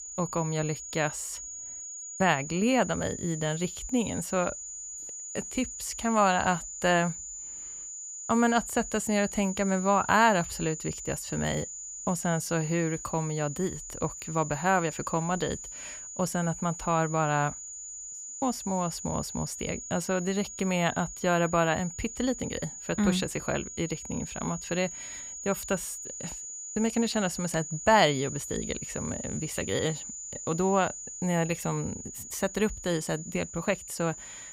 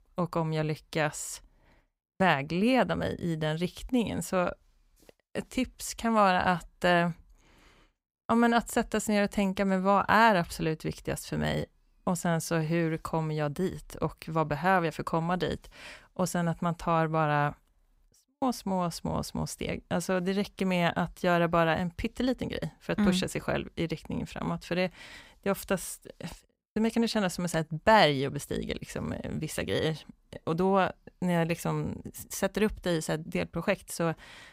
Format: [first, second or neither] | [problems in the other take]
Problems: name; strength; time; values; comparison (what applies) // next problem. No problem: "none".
second | high-pitched whine; loud; throughout; 7 kHz, 9 dB below the speech